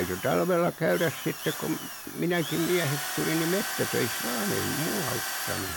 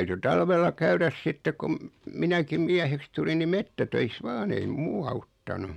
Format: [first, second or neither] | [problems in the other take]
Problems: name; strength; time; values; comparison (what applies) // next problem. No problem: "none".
second | background sound (Drill); 5 dB below the speech